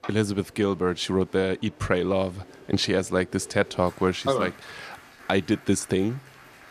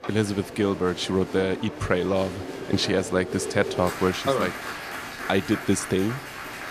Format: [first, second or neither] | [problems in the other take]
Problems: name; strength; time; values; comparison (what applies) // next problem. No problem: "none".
first | crowd noise; loud; throughout; 9 dB below the speech; faint in the first